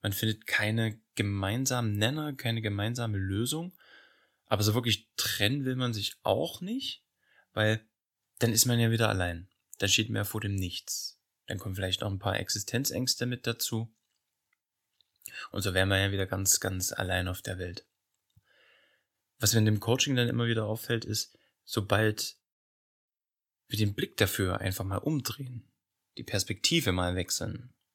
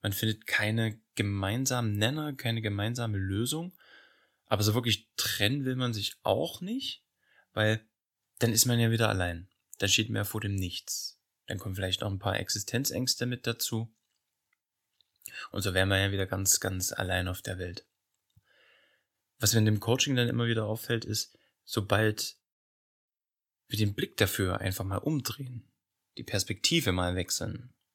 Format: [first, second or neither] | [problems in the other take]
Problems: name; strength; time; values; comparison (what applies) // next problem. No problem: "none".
neither | none